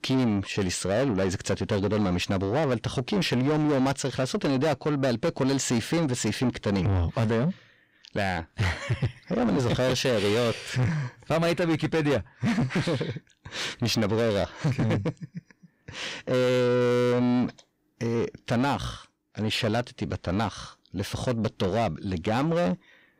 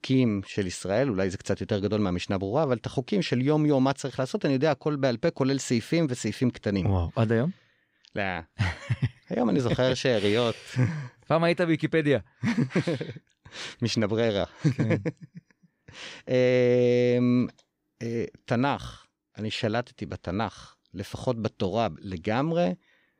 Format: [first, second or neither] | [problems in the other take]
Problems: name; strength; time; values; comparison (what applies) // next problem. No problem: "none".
second | distortion; heavy; 8 dB below the speech